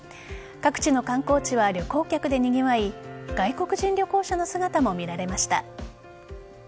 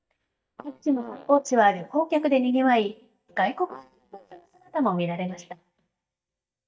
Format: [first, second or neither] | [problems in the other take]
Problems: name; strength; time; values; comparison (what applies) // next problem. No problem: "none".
first | noise reduction (neural mask model DeepFilterNet 3)